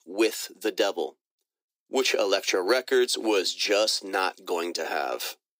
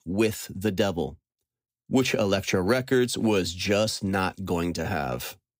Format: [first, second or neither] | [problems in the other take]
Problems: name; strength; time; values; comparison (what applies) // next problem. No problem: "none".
second | thin; very; fading below 350 Hz